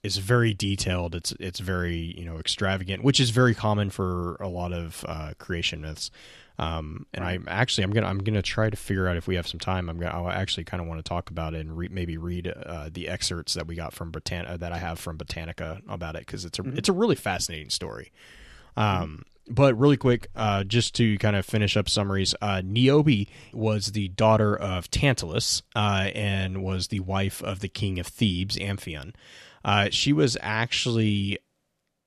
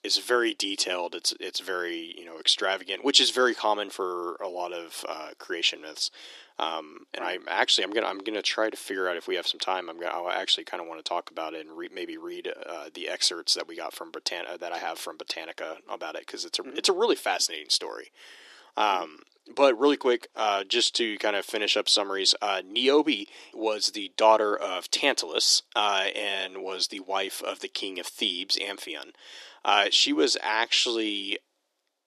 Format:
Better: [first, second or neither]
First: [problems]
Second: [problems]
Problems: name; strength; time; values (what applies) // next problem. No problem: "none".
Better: first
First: none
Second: thin; very; fading below 300 Hz